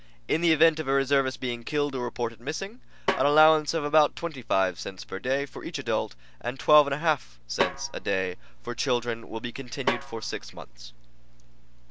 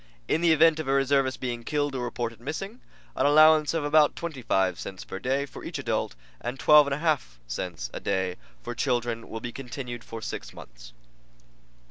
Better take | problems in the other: second | background sound (Snare drum); 8 dB below the speech

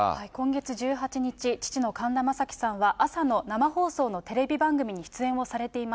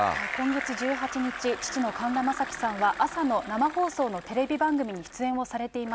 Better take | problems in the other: first | background sound (Bicycle); 10 dB below the speech

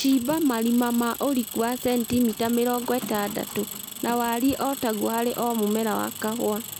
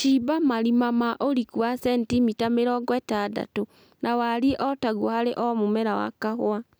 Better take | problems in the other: second | background sound (Engine); 12 dB below the speech

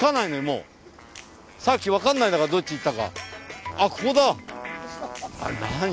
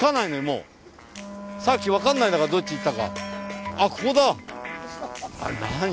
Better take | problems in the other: first | background sound (Wind instrument, woodwind instrument); 12 dB below the speech

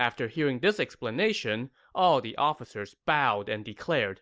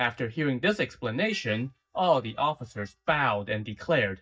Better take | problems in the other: first | noise reduction (neural mask model DeepFilterNet 3)

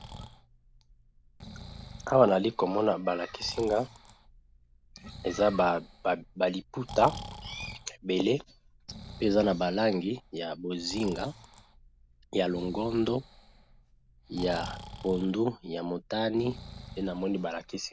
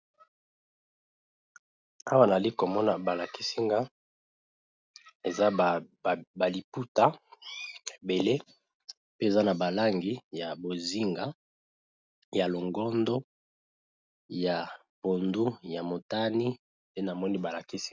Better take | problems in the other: second | background sound (Breathing); 16 dB below the speech

